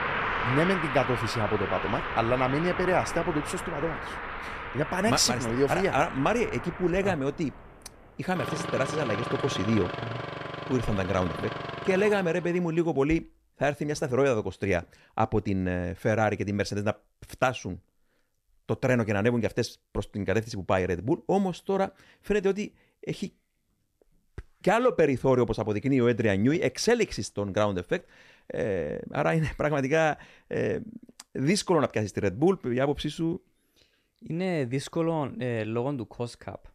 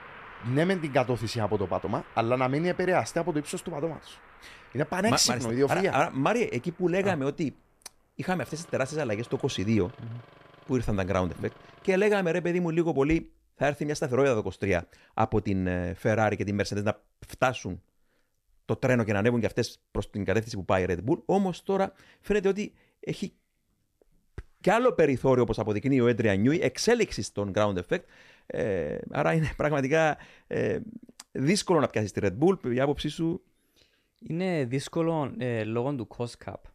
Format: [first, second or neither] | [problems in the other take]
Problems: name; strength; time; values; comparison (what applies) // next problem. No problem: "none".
second | traffic noise; loud; until 15 s; 6 dB below the speech; faint in the second